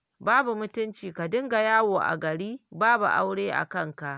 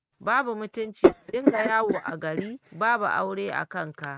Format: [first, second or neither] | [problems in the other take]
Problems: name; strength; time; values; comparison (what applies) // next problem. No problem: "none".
first | noise reduction (neural mask model RNNoise)